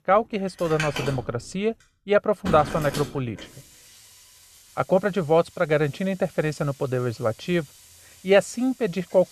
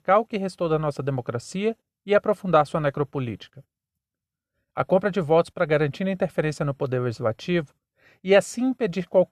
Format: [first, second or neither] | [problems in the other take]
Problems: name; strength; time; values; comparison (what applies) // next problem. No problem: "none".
second | household noises; noticeable; throughout; 15 dB below the speech